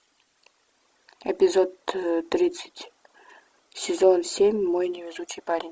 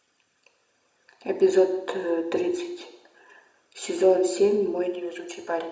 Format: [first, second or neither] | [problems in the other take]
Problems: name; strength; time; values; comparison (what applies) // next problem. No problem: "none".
first | room echo; dies away in 0.7 s